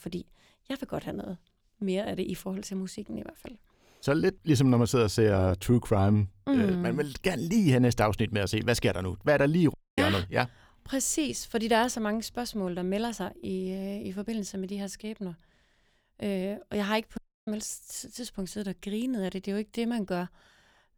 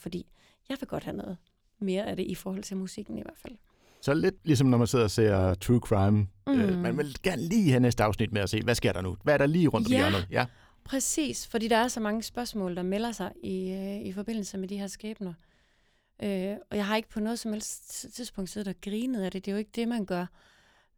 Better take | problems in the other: second | audio cutting out; at 9.5 s and at 17 s

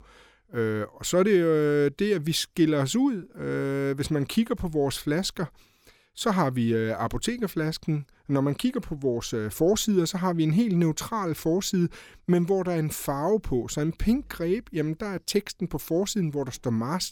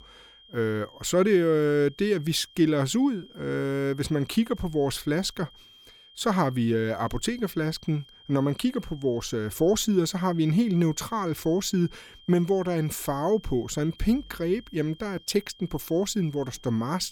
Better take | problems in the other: first | high-pitched whine; faint; throughout; 3 kHz, 25 dB below the speech

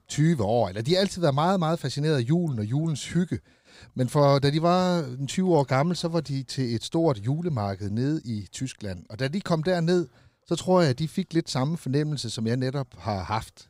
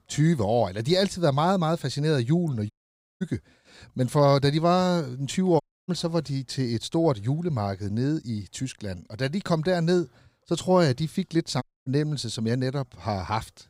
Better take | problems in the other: first | audio cutting out; at 2.5 s for 0.5 s, at 5.5 s and at 12 s

